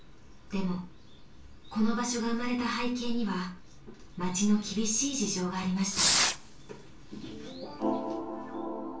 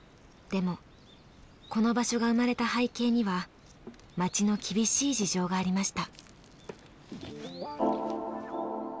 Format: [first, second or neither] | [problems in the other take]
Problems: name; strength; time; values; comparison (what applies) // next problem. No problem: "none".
second | background sound (Fireworks); 1 dB below the speech // room echo; dies away in 0.3 s